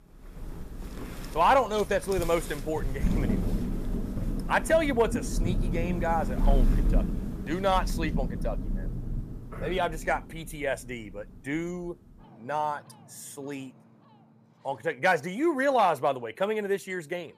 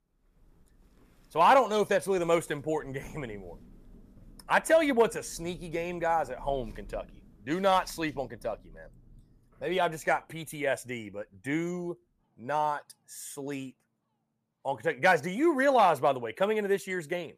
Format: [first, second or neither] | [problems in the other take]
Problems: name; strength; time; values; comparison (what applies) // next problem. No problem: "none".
second | rain or running water; loud; throughout; 4 dB below the speech; faint in the second